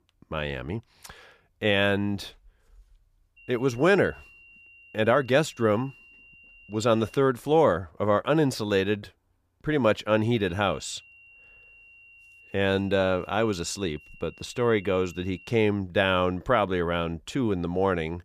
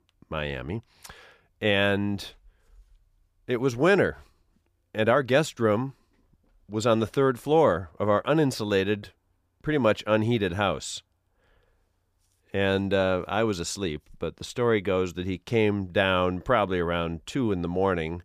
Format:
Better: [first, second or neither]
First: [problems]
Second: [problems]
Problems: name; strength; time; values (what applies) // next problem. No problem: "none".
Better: second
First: high-pitched whine; faint; from 3.5 to 7 s and from 10 to 16 s; 3 kHz, 25 dB below the speech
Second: none